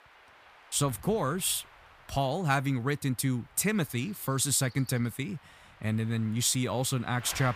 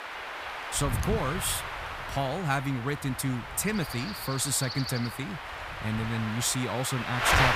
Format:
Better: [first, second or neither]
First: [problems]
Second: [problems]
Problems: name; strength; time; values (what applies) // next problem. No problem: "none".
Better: first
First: wind noise on the microphone; occasional gusts; 20 dB below the speech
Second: wind noise on the microphone; heavy; as loud as the speech